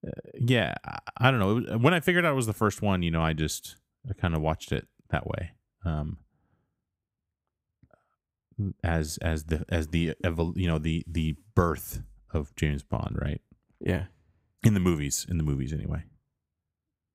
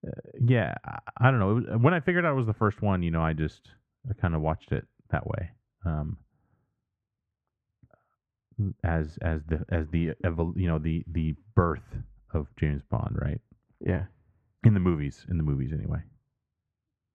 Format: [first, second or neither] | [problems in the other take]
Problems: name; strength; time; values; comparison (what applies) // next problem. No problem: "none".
first | muffled; very; fading above 1.5 kHz